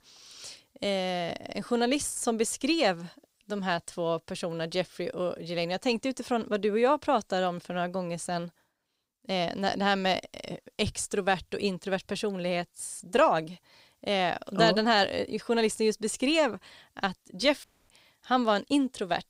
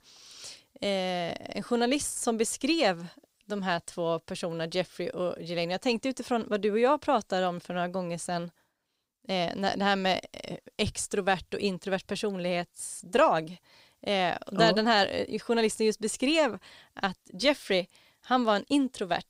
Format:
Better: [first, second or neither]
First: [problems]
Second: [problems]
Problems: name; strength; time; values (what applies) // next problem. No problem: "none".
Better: second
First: audio cutting out; at 18 s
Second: none